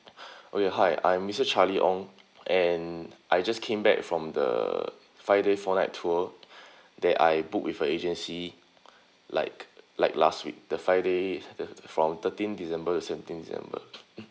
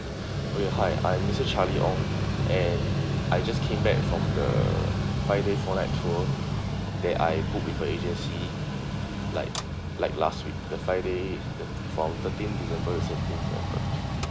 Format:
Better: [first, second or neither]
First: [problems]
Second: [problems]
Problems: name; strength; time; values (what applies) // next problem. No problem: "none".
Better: first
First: none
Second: background sound (Mechanical fan); 3 dB above the speech